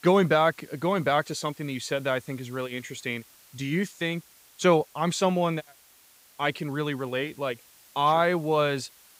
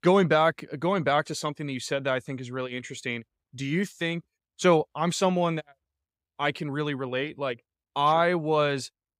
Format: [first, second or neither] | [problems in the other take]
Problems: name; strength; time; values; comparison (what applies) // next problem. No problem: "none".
second | hiss; faint; throughout; 25 dB below the speech